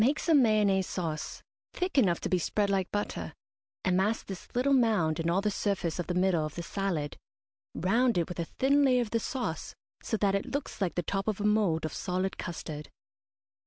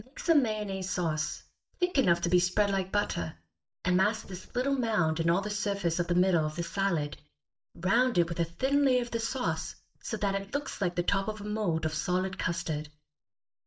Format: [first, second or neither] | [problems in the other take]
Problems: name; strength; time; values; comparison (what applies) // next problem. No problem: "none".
first | noise reduction (neural mask model DeepFilterNet 3)